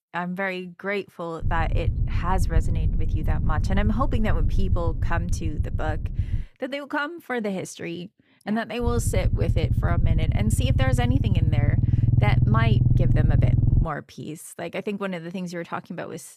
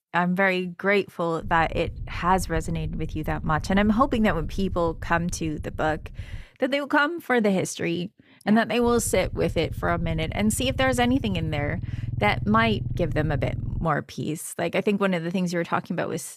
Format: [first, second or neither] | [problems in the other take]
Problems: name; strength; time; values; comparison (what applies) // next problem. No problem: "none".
second | low rumble; loud; from 1.5 to 6.5 s and from 9 to 14 s; 6 dB below the speech; faint in the second